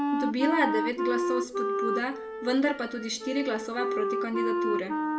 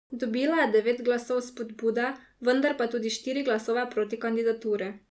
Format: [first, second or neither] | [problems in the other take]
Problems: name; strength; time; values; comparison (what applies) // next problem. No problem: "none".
second | background sound (Wind instrument, woodwind instrument); as loud as the speech // room echo; dies away in 1.5 s